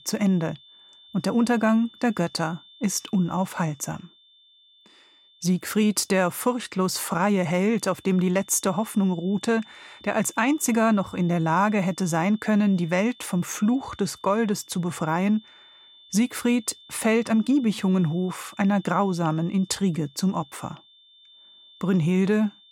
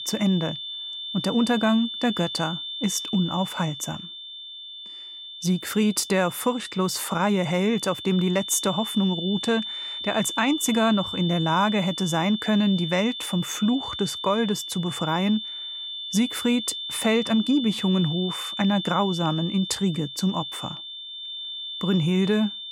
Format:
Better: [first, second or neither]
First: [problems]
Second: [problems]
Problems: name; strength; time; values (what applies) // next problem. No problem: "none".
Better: first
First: high-pitched whine; faint; throughout; 3.5 kHz, 25 dB below the speech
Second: high-pitched whine; loud; throughout; 3.5 kHz, 7 dB below the speech